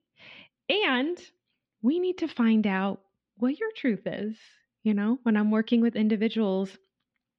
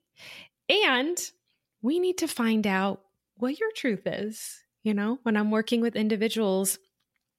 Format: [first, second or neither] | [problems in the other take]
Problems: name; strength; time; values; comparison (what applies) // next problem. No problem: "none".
second | muffled; slightly; fading above 3.5 kHz